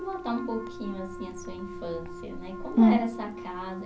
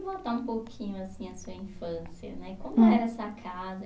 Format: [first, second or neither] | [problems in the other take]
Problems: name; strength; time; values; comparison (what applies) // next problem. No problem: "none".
second | background sound (Wind instrument, woodwind instrument); 12 dB below the speech